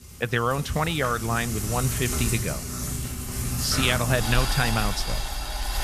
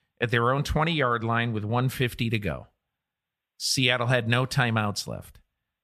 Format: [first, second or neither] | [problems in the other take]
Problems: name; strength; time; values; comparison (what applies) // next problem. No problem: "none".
second | household noises; loud; throughout; 3 dB below the speech